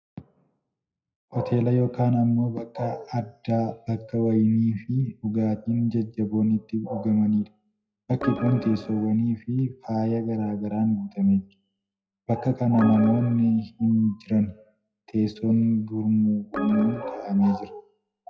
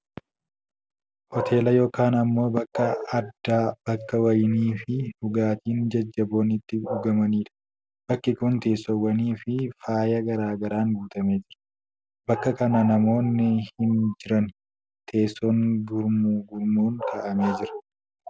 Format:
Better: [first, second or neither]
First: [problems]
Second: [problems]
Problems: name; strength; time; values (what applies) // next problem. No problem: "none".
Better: second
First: noise reduction (classical method WPE with log-MMSE)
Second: none